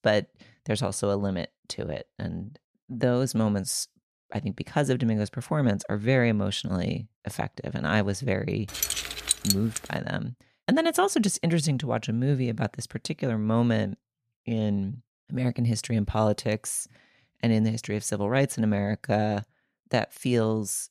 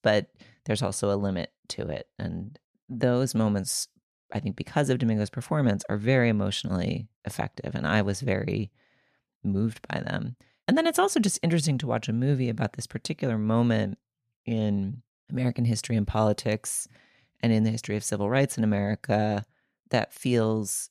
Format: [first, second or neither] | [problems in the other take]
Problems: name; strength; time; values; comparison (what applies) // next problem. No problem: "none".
second | jangling keys; loud; from 9 to 10 s; peak 3 dB above the speech